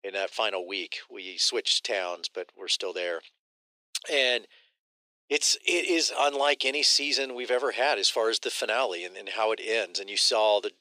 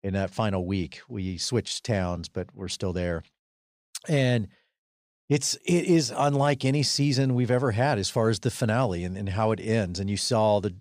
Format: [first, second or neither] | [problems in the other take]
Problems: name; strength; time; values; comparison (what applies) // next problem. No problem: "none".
second | thin; very; fading below 350 Hz